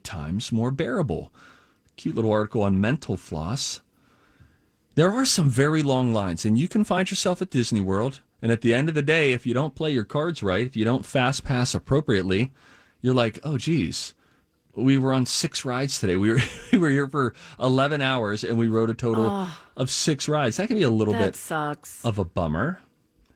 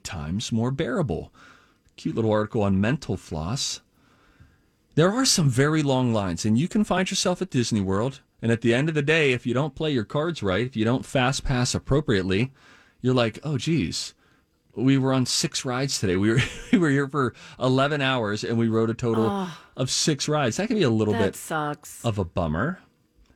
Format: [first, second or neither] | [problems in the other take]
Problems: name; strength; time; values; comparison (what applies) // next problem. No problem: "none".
second | garbled, watery; slightly; nothing above 15.5 kHz